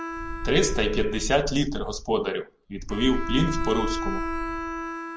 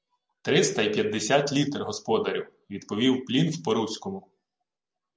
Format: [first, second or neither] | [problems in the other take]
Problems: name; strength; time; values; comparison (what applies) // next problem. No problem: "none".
second | background sound (Wind + Bowed string instrument); 3 dB below the speech